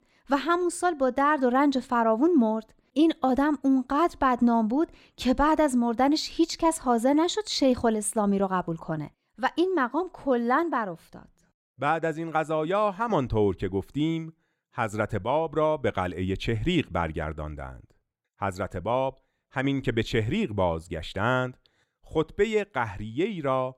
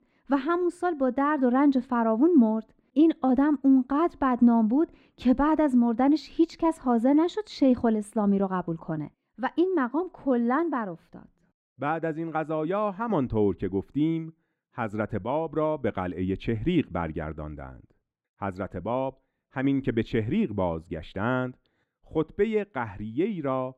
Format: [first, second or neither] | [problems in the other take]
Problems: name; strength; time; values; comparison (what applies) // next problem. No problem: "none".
first | muffled; slightly; fading above 4 kHz